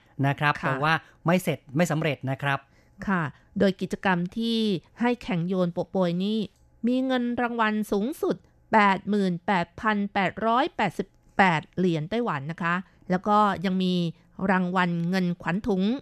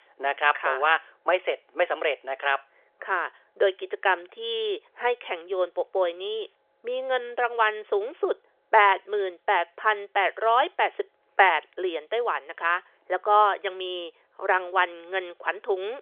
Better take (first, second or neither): first